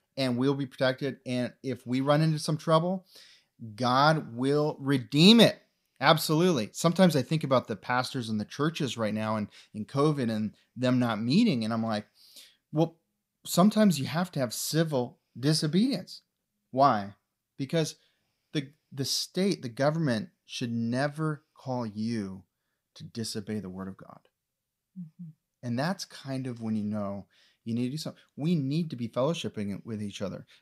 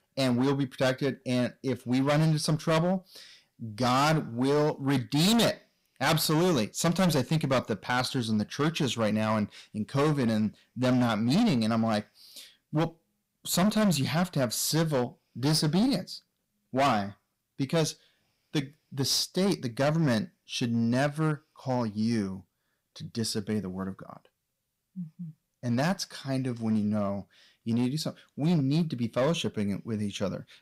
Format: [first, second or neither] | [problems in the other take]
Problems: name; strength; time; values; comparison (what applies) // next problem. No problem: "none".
first | distortion; heavy; 11% of the sound clipped